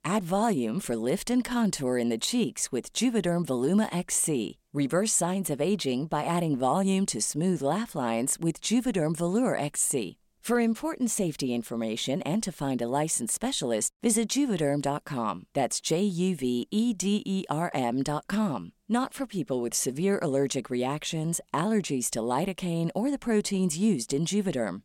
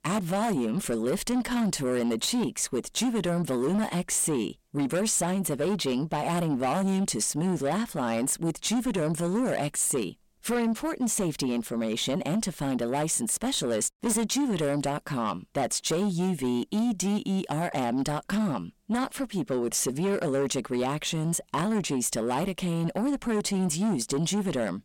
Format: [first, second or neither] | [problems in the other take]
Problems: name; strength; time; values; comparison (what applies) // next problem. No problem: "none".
first | distortion; slight; 9 dB below the speech